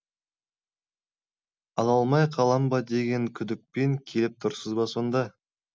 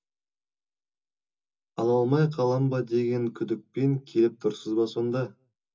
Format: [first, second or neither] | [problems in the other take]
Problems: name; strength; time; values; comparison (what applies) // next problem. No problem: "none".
first | room echo; dies away in 0.2 s